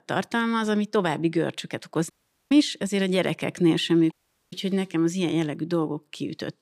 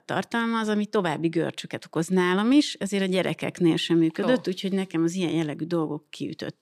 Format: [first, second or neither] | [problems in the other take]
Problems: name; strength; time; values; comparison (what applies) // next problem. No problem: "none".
second | audio cutting out; at 2 s and at 4 s